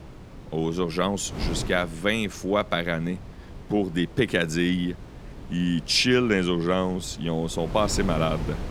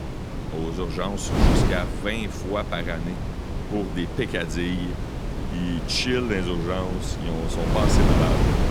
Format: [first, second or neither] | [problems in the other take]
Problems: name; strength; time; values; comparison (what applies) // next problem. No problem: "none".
first | wind noise on the microphone; heavy; 2 dB below the speech; occasional gusts in the first